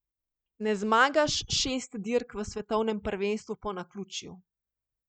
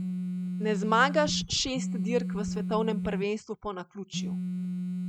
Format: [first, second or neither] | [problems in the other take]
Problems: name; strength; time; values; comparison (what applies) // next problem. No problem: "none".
first | background sound (Telephone); 2 dB below the speech